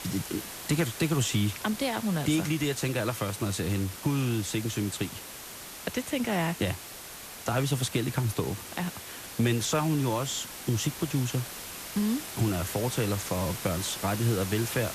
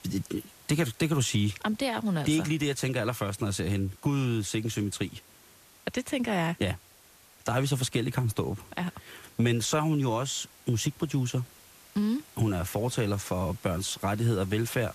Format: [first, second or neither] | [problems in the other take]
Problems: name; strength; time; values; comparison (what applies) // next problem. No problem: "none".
second | hiss; loud; throughout; 9 dB below the speech; faint in the second